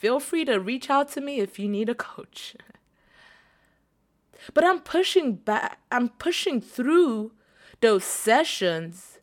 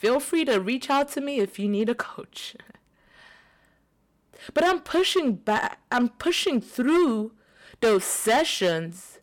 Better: first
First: none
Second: distortion; slight; 6% of the sound clipped

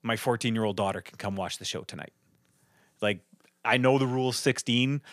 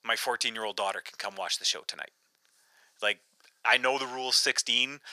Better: first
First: none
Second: thin; very; fading below 700 Hz

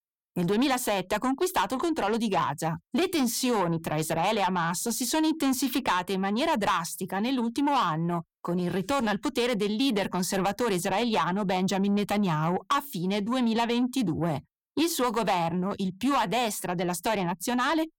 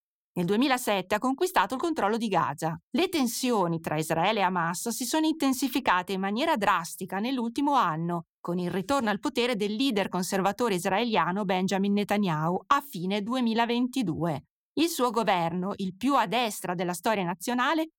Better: second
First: distortion; slight; 10 dB below the speech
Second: none

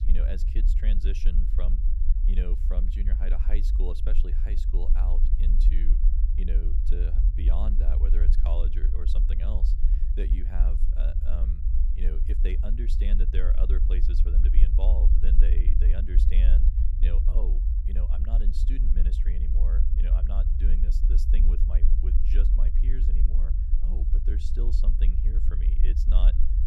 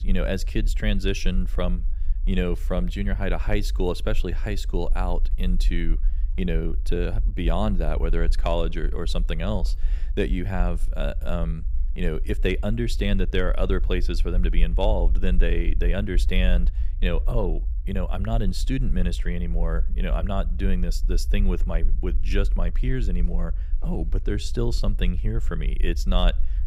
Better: second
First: low rumble; loud; throughout; 3 dB below the speech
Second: low rumble; faint; throughout; 20 dB below the speech

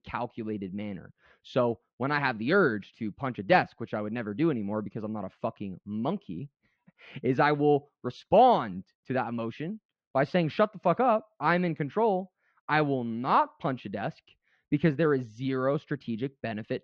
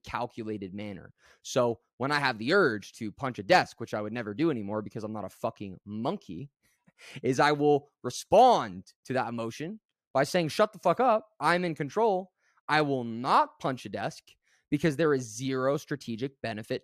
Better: second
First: muffled; slightly; fading above 3.5 kHz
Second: none

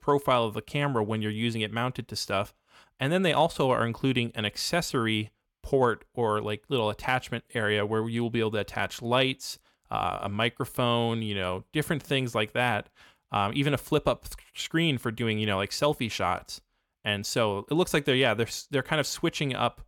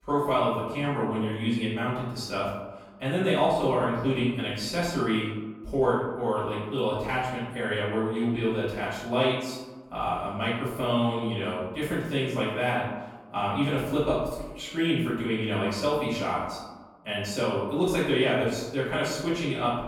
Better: first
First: none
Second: off-mic speech; far // room echo; noticeable; dies away in 1 s

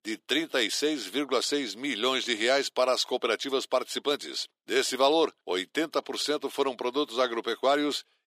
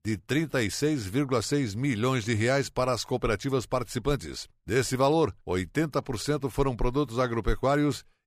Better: second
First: thin; somewhat; fading below 300 Hz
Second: none

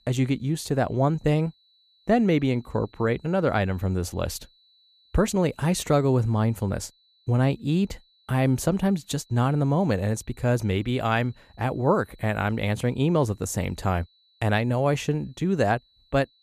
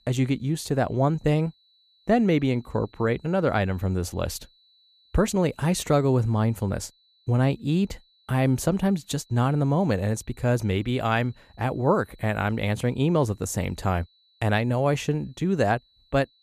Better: neither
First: high-pitched whine; faint; throughout; 4 kHz, 35 dB below the speech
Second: high-pitched whine; faint; throughout; 4 kHz, 35 dB below the speech

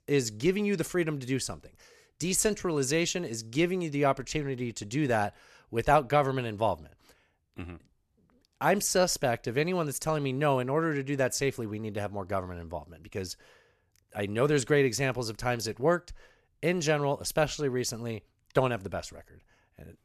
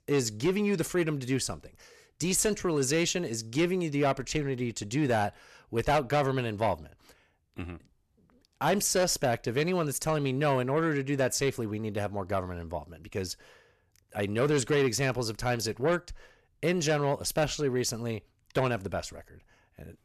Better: first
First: none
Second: distortion; slight; 10 dB below the speech

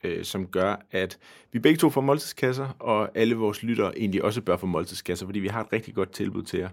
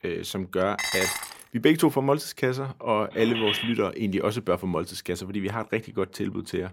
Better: first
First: none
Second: clattering dishes; loud; at 1 s; peak 1 dB above the speech // phone ringing; loud; at 3 s; peak level with the speech

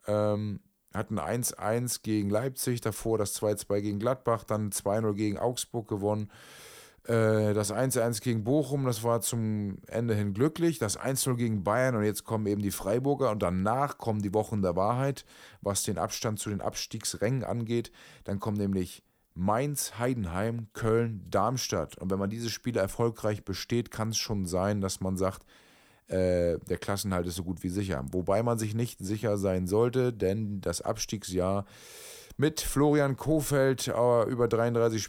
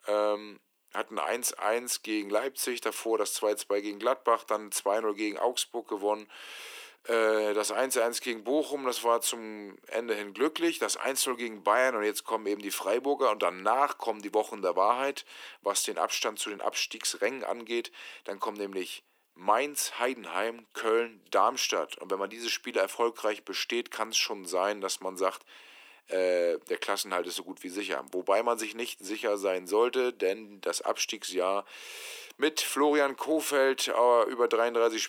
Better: first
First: none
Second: thin; very; fading below 300 Hz

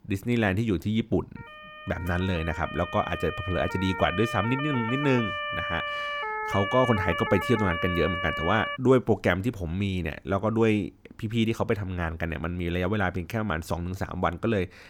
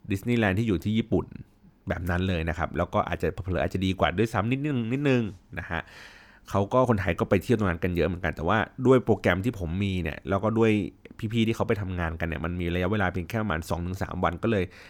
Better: second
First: siren; noticeable; from 1.5 to 9 s; peak 2 dB below the speech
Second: none

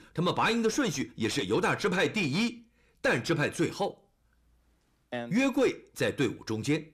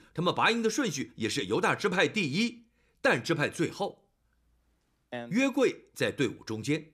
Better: second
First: distortion; slight; 10 dB below the speech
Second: none

